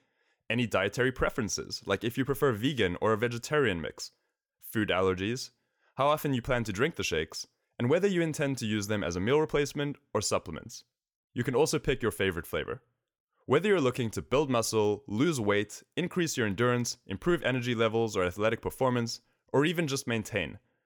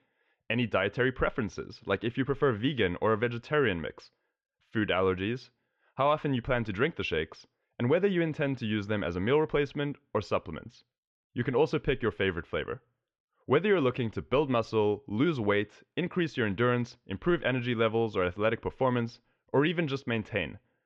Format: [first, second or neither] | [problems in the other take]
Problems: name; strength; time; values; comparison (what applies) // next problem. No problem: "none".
first | muffled; very; fading above 3.5 kHz